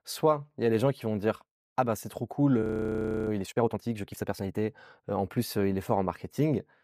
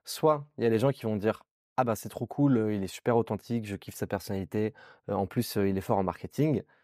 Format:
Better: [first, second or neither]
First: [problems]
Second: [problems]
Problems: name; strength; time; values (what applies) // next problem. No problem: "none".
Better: second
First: audio freezing; at 2.5 s for 0.5 s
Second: none